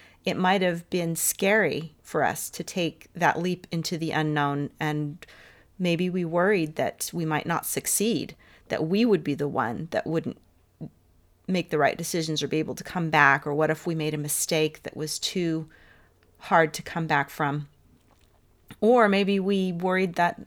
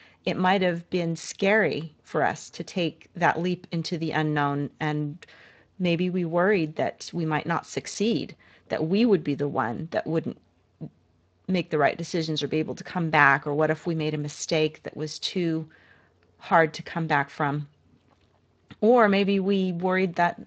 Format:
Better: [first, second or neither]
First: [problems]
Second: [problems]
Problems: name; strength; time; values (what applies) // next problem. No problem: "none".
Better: first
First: none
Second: garbled, watery; slightly; nothing above 7.5 kHz